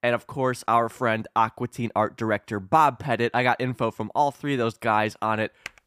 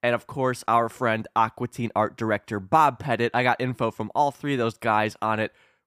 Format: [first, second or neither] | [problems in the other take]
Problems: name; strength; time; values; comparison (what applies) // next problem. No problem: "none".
second | keyboard typing; very faint; at 5.5 s; peak 15 dB below the speech